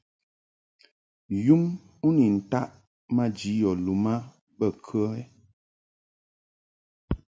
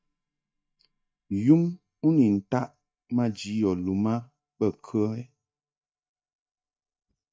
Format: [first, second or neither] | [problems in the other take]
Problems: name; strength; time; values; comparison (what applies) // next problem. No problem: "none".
first | noise reduction (neural mask model DeepFilterNet 3)